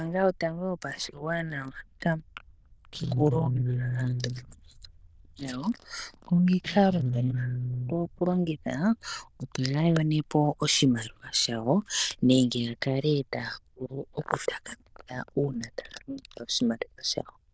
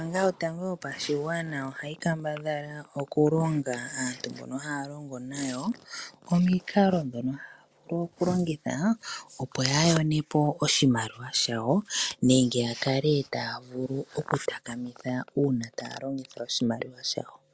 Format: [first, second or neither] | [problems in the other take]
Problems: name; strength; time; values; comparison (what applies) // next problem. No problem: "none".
second | noise reduction (neural diffusion model UNIVERSE++)